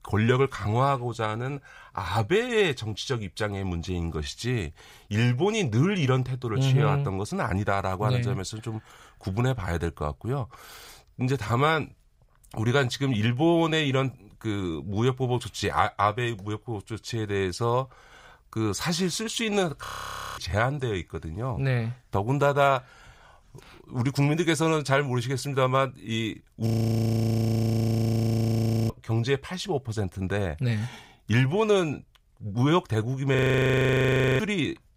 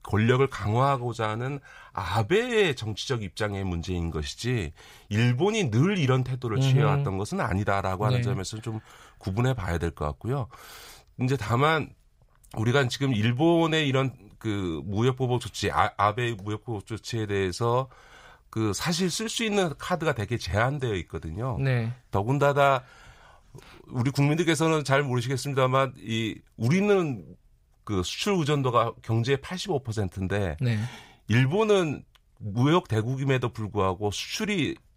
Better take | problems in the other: second | audio freezing; at 20 s for 0.5 s, at 27 s for 2 s and at 33 s for 1 s

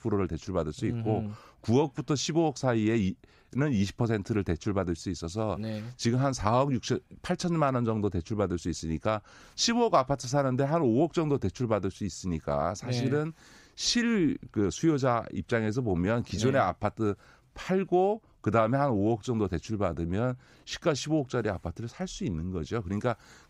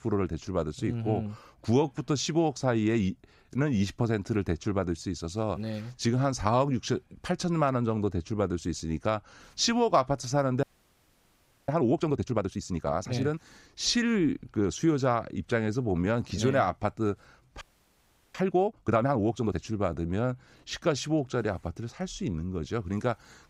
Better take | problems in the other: first | audio freezing; at 11 s for 1 s and at 18 s for 0.5 s

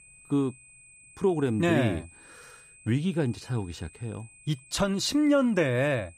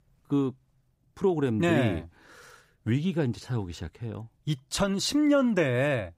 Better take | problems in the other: second | high-pitched whine; faint; throughout; 2.5 kHz, 25 dB below the speech

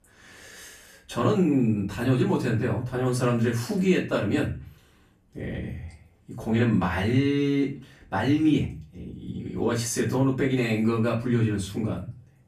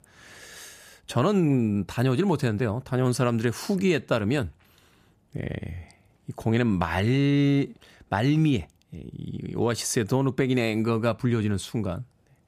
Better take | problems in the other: second | off-mic speech; far // room echo; slight; dies away in 0.3 s

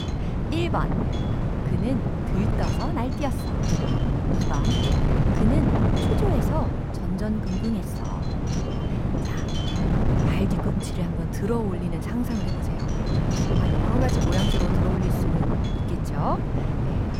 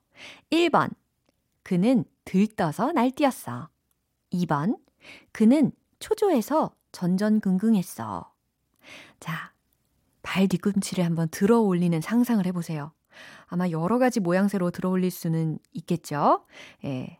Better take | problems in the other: second | wind noise on the microphone; heavy; 2 dB above the speech

